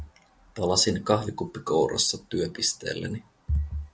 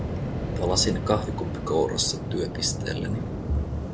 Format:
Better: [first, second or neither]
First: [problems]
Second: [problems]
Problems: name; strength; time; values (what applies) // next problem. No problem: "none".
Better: first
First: none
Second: background sound (Waves, surf); 2 dB below the speech